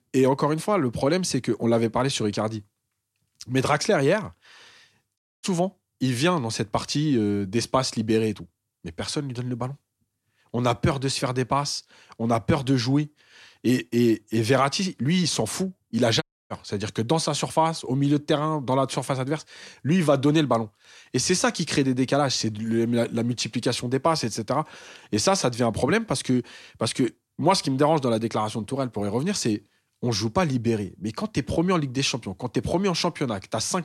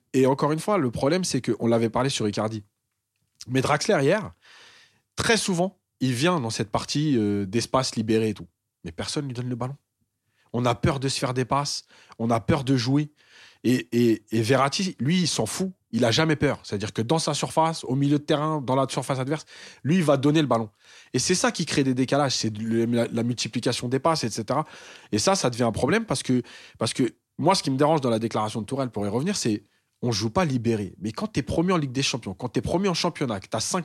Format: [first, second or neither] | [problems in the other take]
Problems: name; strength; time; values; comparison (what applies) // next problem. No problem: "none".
second | audio cutting out; at 5 s and at 16 s